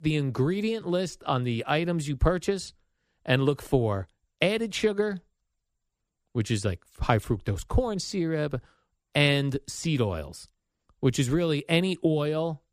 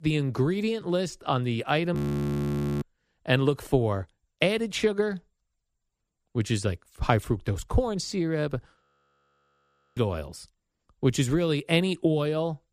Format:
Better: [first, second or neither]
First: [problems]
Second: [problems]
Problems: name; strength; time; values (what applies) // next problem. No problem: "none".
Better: first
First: none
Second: audio freezing; at 2 s for 1 s and at 9 s for 1 s